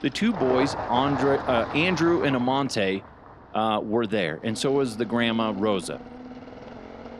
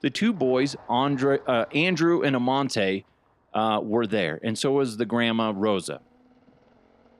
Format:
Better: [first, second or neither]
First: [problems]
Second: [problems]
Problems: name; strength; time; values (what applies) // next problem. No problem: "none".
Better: second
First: traffic noise; loud; throughout; 10 dB below the speech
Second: traffic noise; faint; throughout; 30 dB below the speech